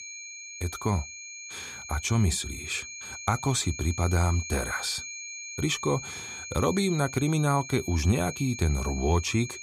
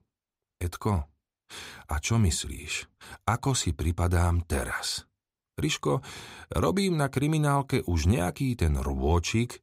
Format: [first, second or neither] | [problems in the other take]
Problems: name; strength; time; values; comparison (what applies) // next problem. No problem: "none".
second | high-pitched whine; loud; throughout; 2.5 kHz, 10 dB below the speech